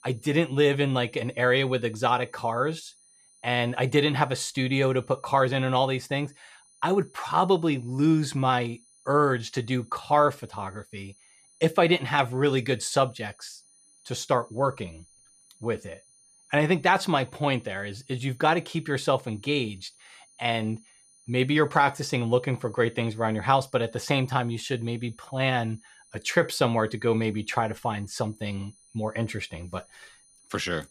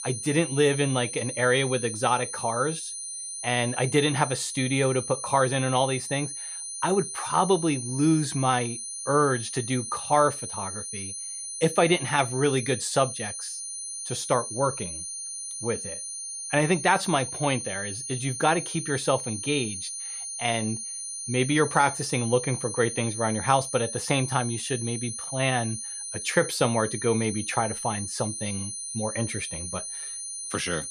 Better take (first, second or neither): first